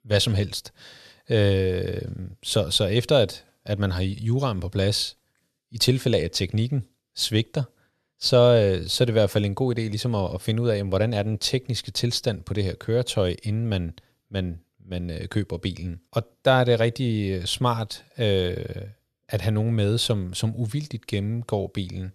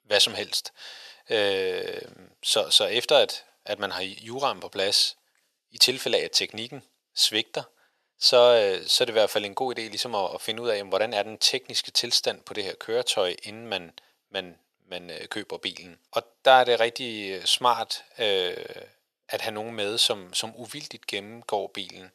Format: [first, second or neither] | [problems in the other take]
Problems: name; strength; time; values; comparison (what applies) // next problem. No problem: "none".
first | thin; very; fading below 550 Hz